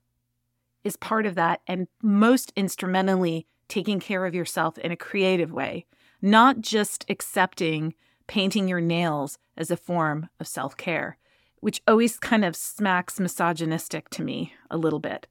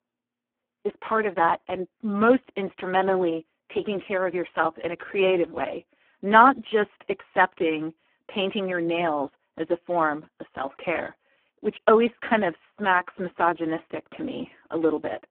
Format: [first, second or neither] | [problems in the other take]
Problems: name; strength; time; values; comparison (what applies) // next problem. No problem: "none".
first | phone-call audio; poor line